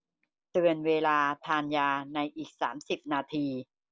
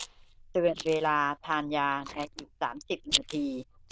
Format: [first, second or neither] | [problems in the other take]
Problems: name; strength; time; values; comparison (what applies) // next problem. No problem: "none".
first | noise reduction (neural diffusion model UNIVERSE++)